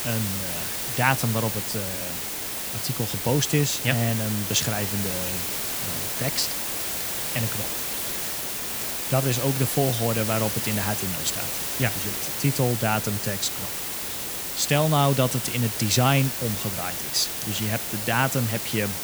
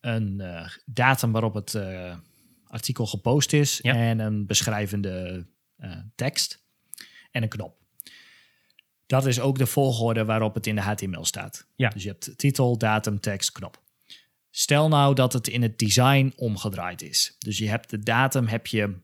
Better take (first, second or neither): second